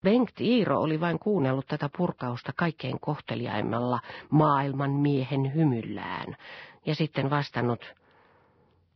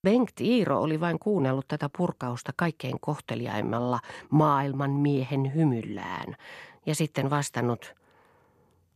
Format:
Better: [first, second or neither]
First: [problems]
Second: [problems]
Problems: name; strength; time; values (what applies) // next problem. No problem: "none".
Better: second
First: garbled, watery; badly; nothing above 5 kHz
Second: none